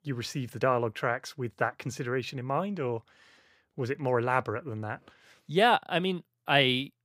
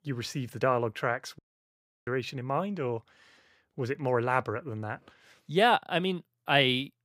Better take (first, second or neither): first